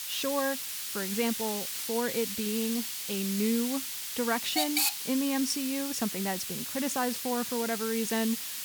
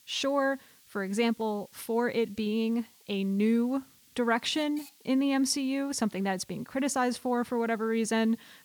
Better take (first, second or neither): second